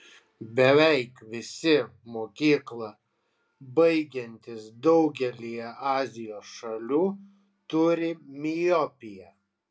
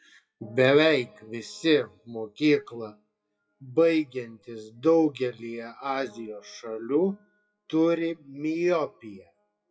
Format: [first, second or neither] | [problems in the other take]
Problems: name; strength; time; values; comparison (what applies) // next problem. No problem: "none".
first | noise reduction (classical method WPE with log-MMSE)